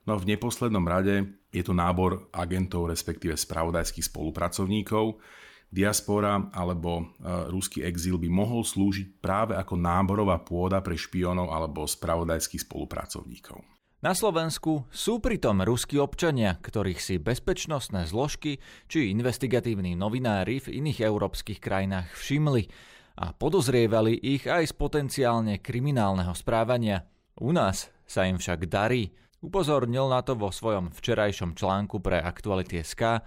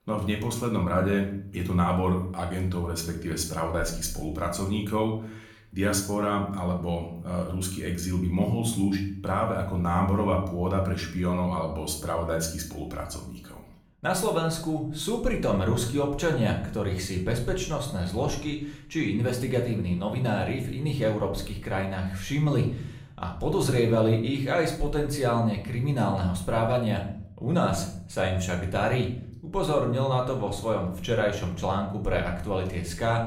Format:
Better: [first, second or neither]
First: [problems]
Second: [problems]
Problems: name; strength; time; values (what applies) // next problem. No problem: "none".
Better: first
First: none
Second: room echo; slight; dies away in 0.6 s // off-mic speech; somewhat distant